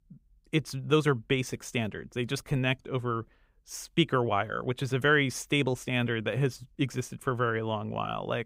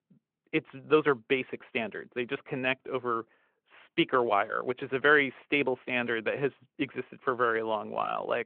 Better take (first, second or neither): first